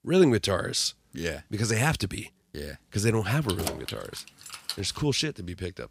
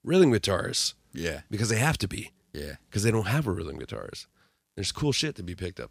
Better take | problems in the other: second | jangling keys; noticeable; from 3.5 to 5 s; peak 5 dB below the speech

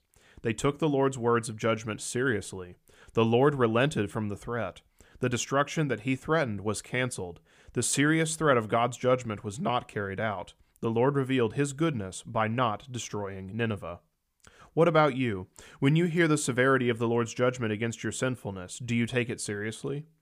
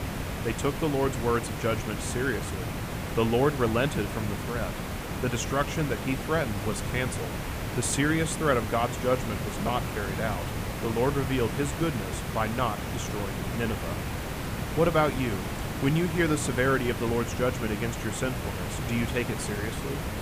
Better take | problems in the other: first | hiss; loud; throughout; 4 dB below the speech

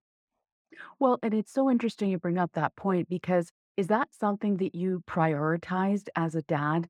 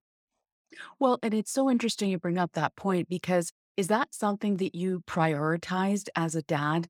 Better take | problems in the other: second | muffled; slightly; fading above 3 kHz

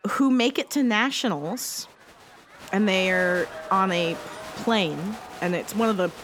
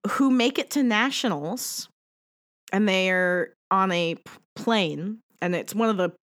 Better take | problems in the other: second | crowd noise; noticeable; throughout; 15 dB below the speech

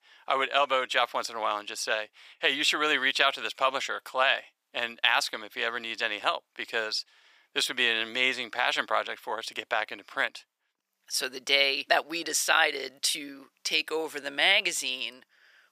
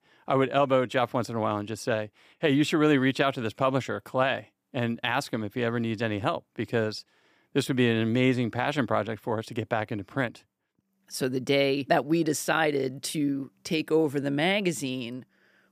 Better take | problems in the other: second | thin; very; fading below 800 Hz

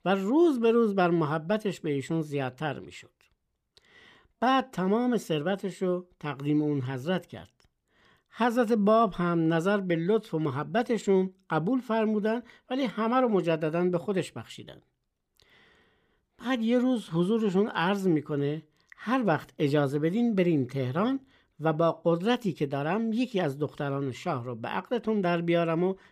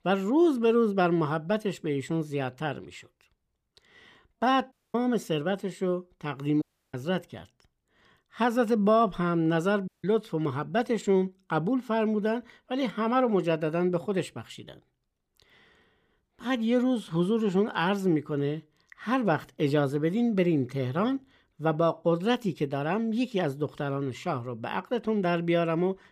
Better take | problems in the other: first | audio cutting out; at 4.5 s, at 6.5 s and at 10 s

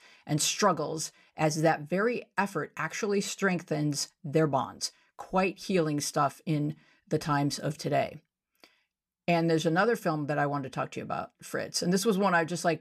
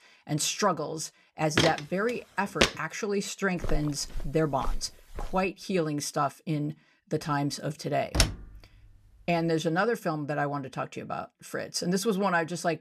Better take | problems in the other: first | footsteps; loud; from 1.5 to 2.5 s; peak 4 dB above the speech // footsteps; noticeable; from 3.5 to 5.5 s; peak 8 dB below the speech // door banging; loud; at 8 s; peak 3 dB above the speech

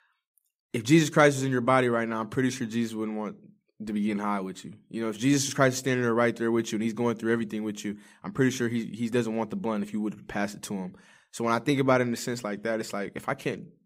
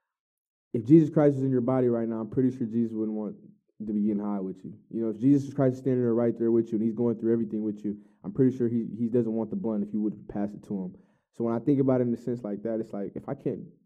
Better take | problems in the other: first | muffled; very; fading above 1 kHz

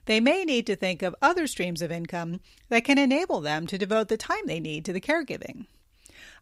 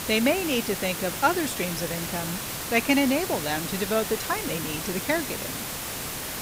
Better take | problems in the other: first | hiss; loud; throughout; 4 dB below the speech

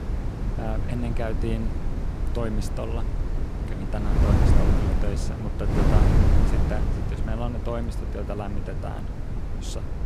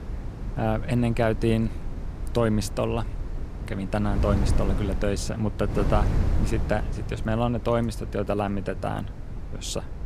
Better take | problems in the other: second | wind noise on the microphone; heavy; as loud as the speech; occasional gusts in the second

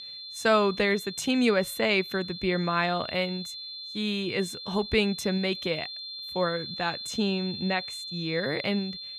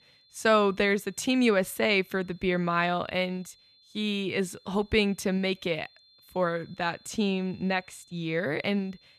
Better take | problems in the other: second | high-pitched whine; loud; throughout; 4 kHz, 9 dB below the speech; faint in the second

